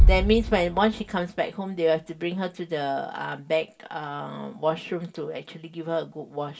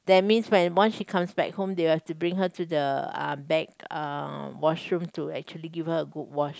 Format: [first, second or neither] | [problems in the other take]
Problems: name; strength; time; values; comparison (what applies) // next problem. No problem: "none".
second | background sound (Bass drum); 1 dB below the speech // room echo; dies away in 0.2 s